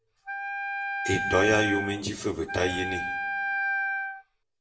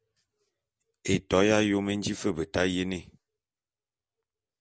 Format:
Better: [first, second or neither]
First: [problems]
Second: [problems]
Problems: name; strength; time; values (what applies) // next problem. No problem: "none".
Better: second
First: background sound (Wind instrument, woodwind instrument); 1 dB below the speech // room echo; dies away in 0.7 s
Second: none